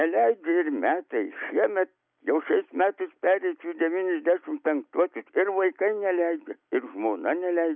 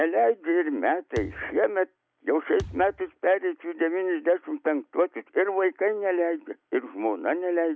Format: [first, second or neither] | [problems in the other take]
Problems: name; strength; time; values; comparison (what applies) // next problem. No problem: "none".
first | background sound (Thump, thud); 17 dB below the speech